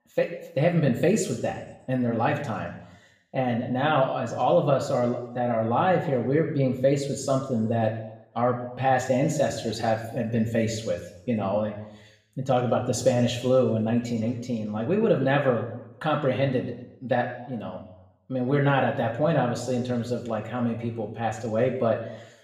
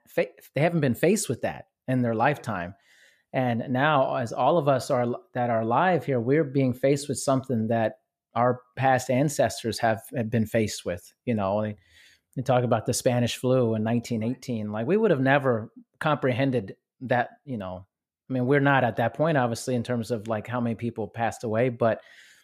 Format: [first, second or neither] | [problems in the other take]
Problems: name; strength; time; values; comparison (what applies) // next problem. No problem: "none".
second | room echo; slight; dies away in 0.8 s // off-mic speech; far